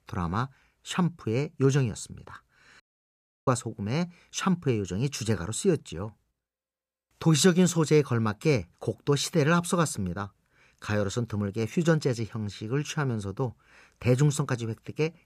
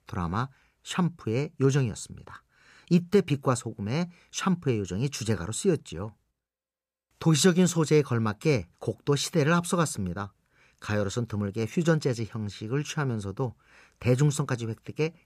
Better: second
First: audio cutting out; at 3 s for 0.5 s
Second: none

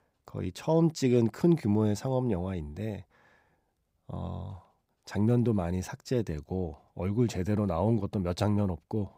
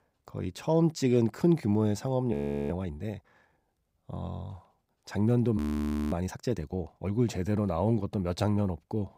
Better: first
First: none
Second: audio freezing; at 2.5 s and at 5.5 s for 0.5 s

